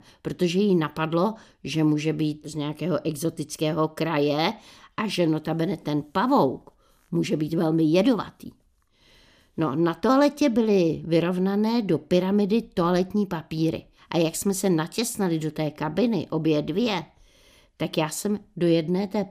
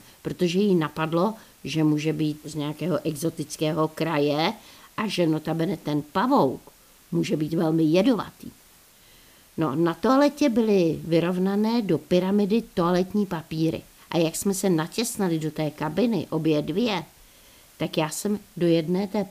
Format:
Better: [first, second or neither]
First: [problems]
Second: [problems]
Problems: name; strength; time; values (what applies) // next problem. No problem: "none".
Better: first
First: none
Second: hiss; faint; throughout; 25 dB below the speech